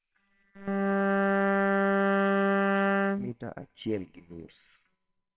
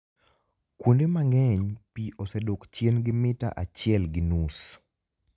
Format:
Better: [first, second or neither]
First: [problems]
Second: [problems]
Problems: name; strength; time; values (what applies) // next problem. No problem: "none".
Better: second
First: noise reduction (neural separator model SepFormer WHAMR!)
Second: none